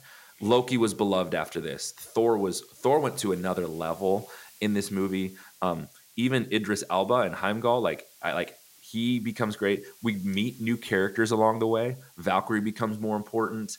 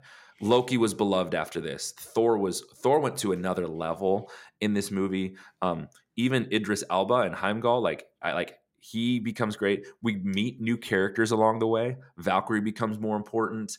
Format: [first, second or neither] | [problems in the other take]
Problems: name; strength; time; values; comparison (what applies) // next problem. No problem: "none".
second | hiss; faint; throughout; 25 dB below the speech